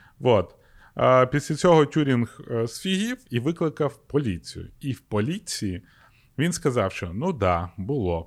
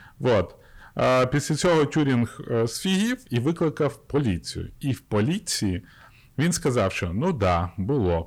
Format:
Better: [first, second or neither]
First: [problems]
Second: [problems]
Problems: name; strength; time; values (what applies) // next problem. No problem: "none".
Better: first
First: none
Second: distortion; heavy; 8 dB below the speech